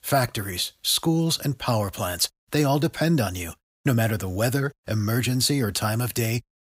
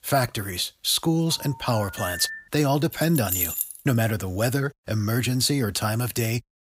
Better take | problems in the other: first | phone ringing; noticeable; from 1.5 to 2.5 s; peak 9 dB below the speech // jangling keys; loud; at 3 s; peak 1 dB above the speech

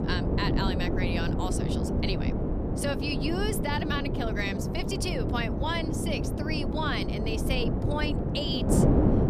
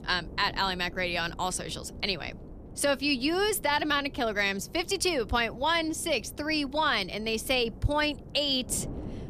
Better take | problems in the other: second | wind noise on the microphone; heavy; 2 dB below the speech; occasional gusts in the second

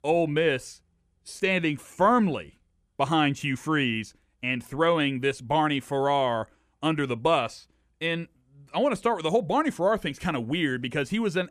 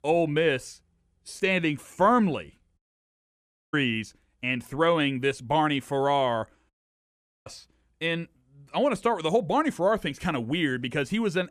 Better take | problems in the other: first | audio cutting out; at 3 s for 1 s and at 6.5 s for 1 s

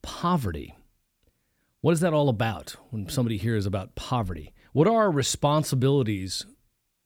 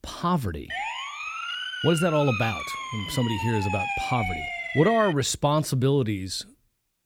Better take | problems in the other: first | siren; noticeable; from 0.5 to 5 s; peak 2 dB below the speech

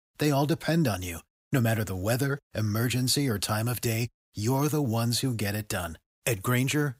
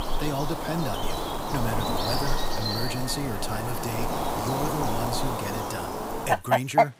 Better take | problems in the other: first | animal sounds; very loud; throughout; 3 dB above the speech

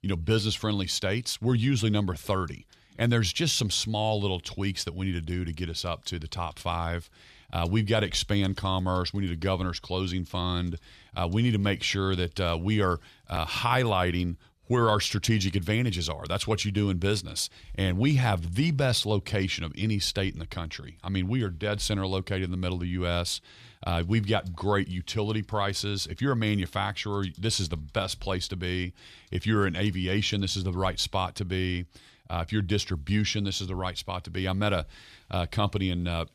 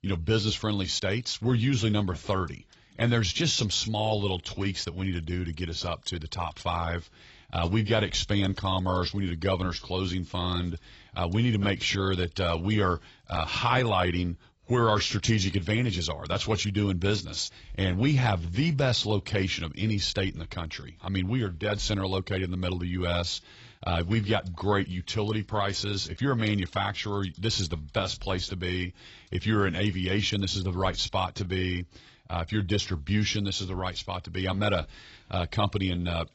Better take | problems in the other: first | garbled, watery; badly; nothing above 7.5 kHz

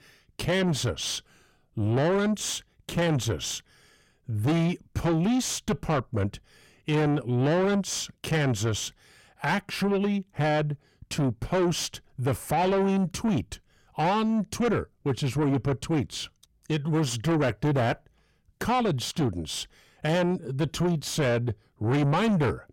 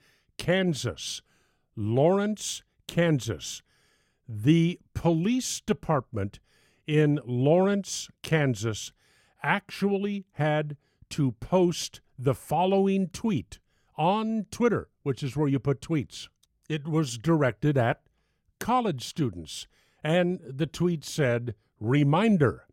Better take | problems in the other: second | distortion; heavy; 6 dB below the speech

